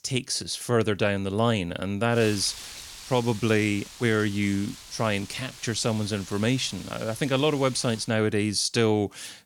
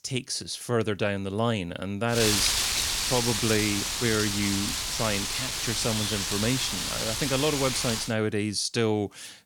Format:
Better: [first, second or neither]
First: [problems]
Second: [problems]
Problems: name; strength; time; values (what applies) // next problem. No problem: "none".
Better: first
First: wind noise on the microphone; occasional gusts; from 2 to 8 s; 15 dB below the speech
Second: wind noise on the microphone; heavy; from 2 to 8 s; 2 dB above the speech